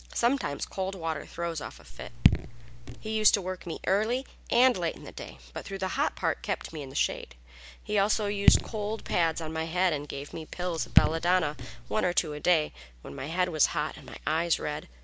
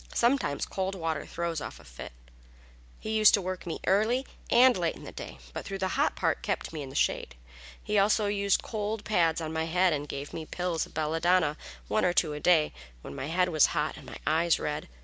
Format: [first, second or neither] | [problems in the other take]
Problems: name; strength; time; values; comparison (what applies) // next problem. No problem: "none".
second | background sound (Raindrop / Drip); 2 dB above the speech